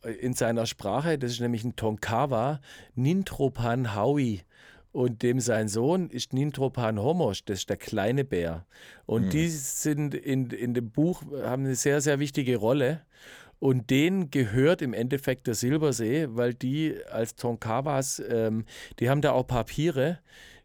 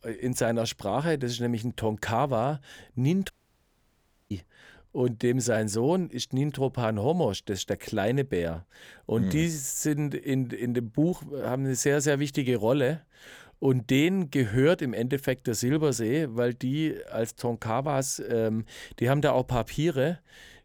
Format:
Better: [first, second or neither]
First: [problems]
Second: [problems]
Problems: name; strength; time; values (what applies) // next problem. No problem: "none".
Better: first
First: none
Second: audio cutting out; at 3.5 s for 1 s